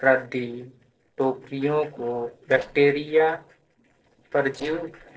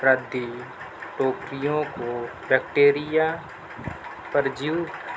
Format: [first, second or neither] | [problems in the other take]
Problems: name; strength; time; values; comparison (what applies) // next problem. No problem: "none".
second | noise reduction (neural separator model SepFormer DNS4)